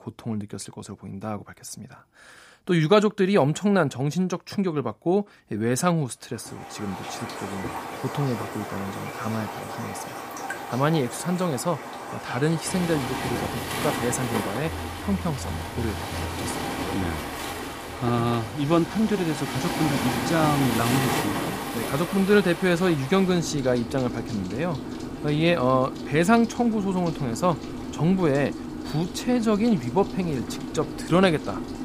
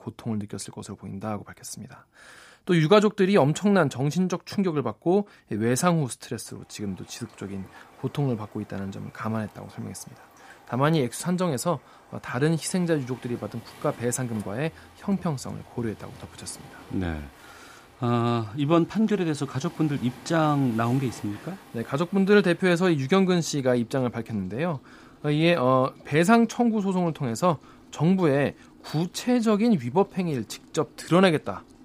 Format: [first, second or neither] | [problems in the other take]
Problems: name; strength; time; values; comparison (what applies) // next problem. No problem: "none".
second | rain or running water; loud; from 6.5 s on; 6 dB below the speech; faint in the second